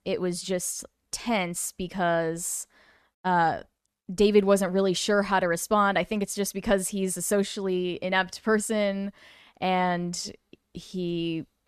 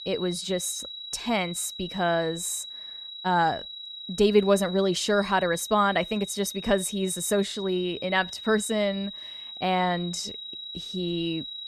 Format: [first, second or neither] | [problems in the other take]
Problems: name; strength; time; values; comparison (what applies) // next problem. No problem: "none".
first | high-pitched whine; noticeable; throughout; 4 kHz, 10 dB below the speech